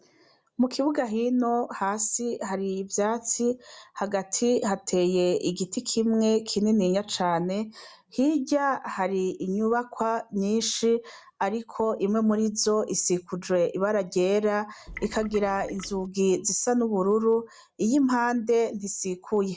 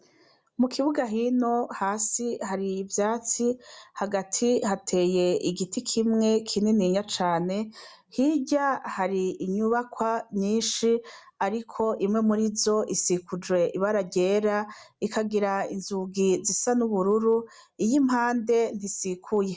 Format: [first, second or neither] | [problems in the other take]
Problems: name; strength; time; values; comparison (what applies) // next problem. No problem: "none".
second | background sound (Trickle, dribble / Water tap, faucet); 17 dB below the speech